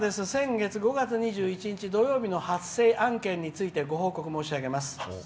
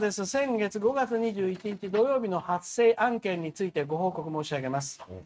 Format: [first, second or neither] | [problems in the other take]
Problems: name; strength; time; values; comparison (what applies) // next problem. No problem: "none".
first | noise reduction (neural mask model RNNoise)